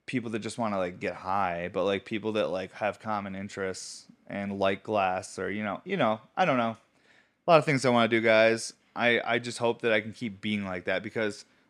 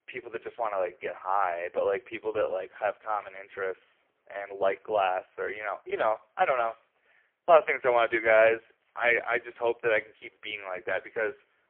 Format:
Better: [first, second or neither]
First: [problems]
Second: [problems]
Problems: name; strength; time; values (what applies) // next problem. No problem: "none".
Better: first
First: none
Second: phone-call audio; poor line; nothing above 3.5 kHz